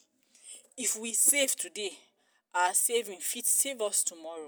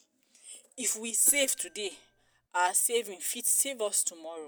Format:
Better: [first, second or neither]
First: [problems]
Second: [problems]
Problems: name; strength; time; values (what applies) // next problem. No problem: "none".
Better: first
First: none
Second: background sound (Marimba, xylophone); 14 dB below the speech